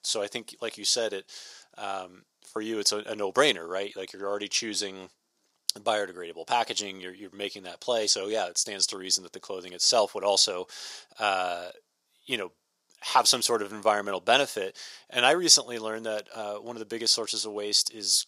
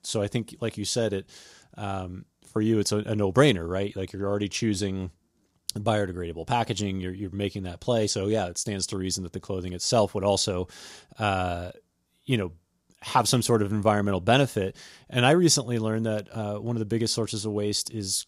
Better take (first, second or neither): second